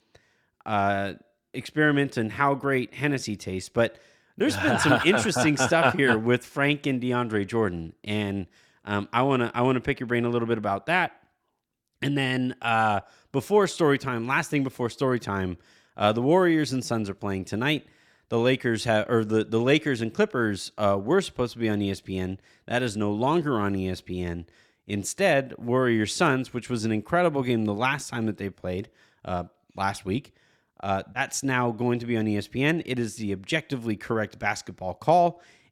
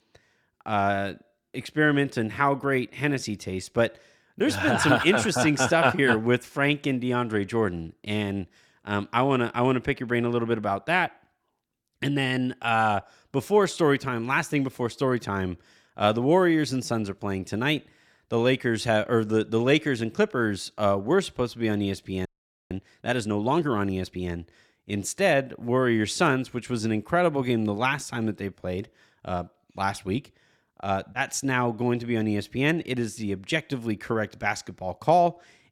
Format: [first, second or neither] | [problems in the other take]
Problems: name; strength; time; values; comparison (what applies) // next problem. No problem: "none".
first | audio freezing; at 22 s